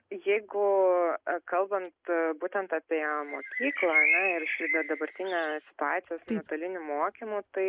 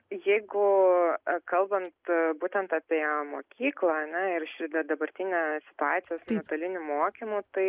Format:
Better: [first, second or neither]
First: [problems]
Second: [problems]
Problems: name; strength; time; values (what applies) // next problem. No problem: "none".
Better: second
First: background sound (Bird); as loud as the speech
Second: none